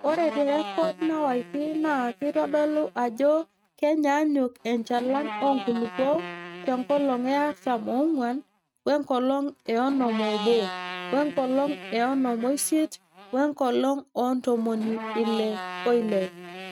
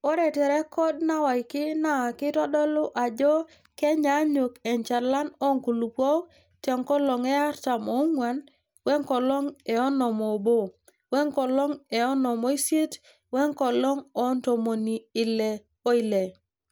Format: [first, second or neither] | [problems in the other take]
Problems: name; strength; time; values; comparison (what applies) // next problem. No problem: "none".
second | noise reduction (neural mask model RNNoise)